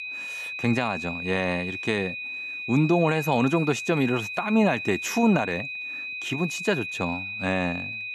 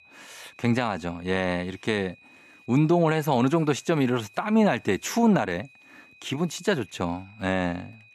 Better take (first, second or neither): second